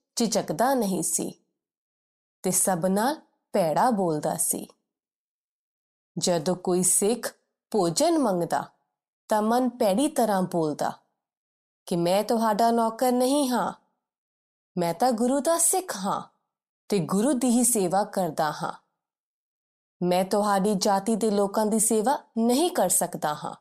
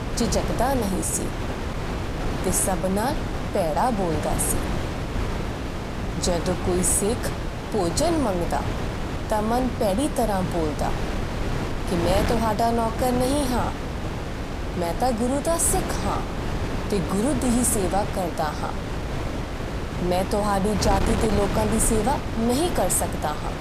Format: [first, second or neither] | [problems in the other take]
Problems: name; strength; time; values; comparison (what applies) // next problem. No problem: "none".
first | wind noise on the microphone; heavy; 6 dB below the speech